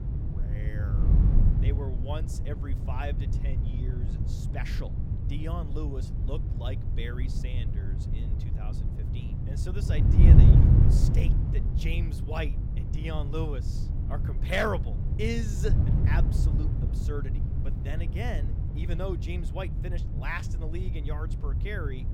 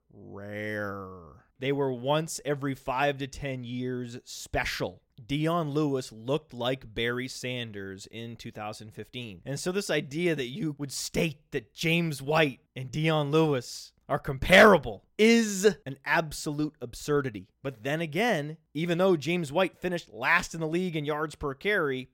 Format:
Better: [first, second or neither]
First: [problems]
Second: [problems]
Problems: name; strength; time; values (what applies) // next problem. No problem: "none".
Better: second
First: wind noise on the microphone; heavy; 3 dB below the speech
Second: none